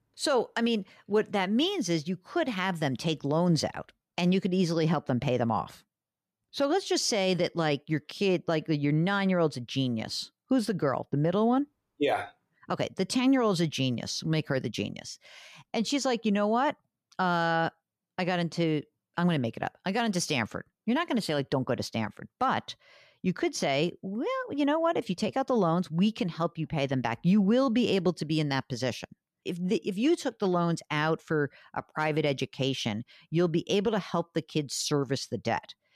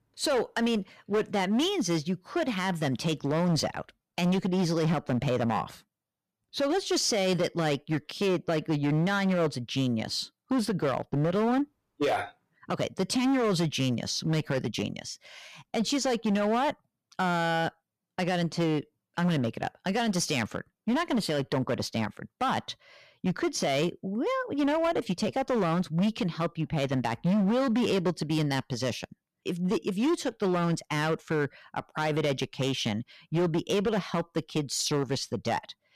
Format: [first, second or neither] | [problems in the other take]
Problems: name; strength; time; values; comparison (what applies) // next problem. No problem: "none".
first | distortion; slight; 11% of the sound clipped